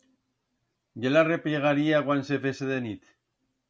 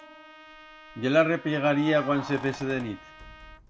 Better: first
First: none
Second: background sound (Trumpet + Keys jangling); 16 dB below the speech

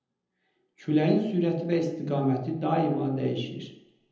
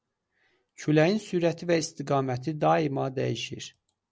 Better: second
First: room echo; dies away in 0.9 s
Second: none

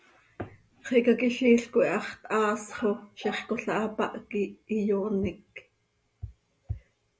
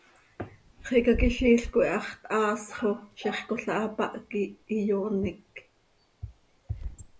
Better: first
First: none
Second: background sound (Wind / Bird); 11 dB below the speech

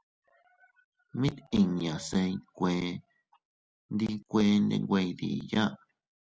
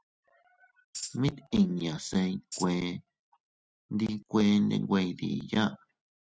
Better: first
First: none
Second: noise reduction (neural mask model RNNoise)

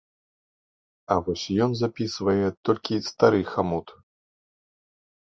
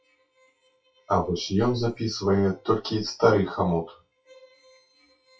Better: first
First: none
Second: noise reduction (classical method WPE with log-MMSE)

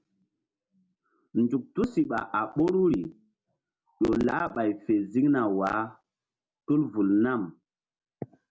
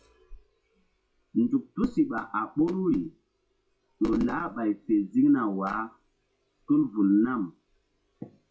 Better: first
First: none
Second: noise reduction (classical method WPE with log-MMSE)

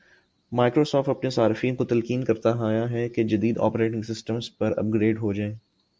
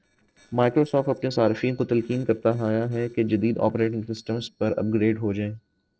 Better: first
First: none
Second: noise reduction (neural separator model SepFormer DNS4)

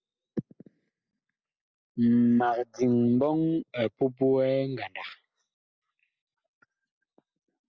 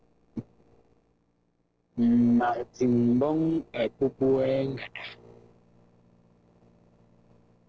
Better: first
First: none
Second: noise reduction (neural separator model SepFormer DNS4)

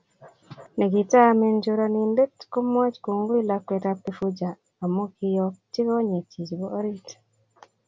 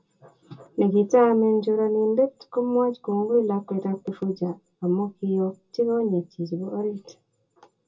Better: first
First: none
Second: room echo; dies away in 0.2 s

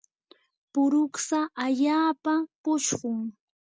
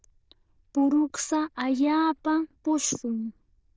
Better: first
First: none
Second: noise reduction (neural diffusion model UNIVERSE++)

